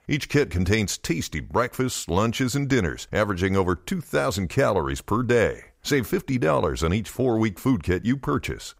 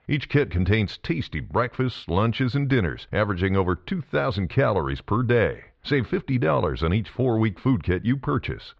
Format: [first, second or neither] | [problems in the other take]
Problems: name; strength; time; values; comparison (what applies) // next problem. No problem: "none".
first | muffled; slightly; fading above 4 kHz